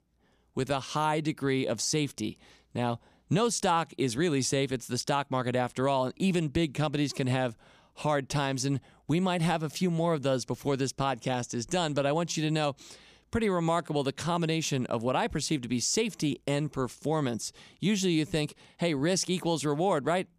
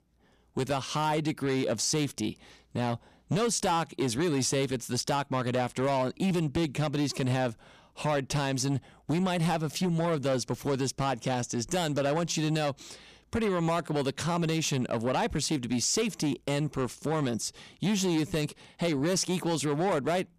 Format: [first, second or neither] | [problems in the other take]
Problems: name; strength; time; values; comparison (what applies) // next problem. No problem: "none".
first | distortion; slight; 10 dB below the speech